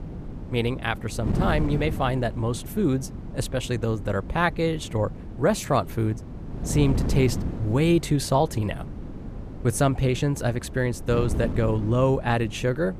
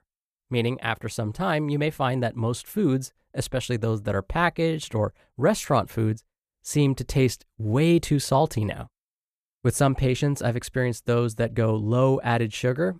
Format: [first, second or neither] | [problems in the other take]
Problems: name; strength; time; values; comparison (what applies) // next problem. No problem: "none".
second | wind noise on the microphone; occasional gusts; 15 dB below the speech